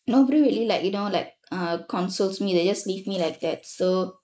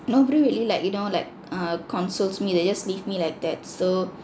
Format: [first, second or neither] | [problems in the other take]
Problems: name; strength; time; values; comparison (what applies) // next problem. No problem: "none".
second | noise reduction (neural mask model Resemble Enhance denoiser)